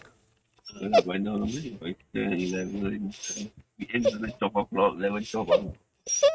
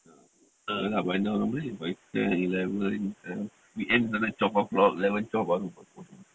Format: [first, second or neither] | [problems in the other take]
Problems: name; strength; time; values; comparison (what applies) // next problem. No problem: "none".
second | noise reduction (neural mask model RNNoise)